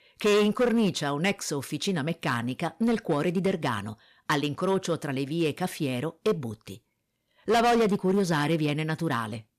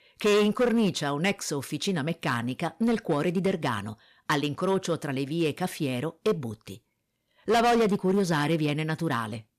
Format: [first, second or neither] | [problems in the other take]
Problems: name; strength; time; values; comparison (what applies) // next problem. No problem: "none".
neither | distortion; heavy; 6% of the sound clipped; the same in both